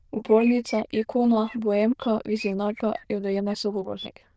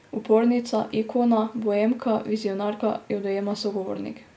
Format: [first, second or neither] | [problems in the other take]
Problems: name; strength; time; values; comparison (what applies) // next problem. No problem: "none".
second | noise reduction (neural diffusion model UNIVERSE++)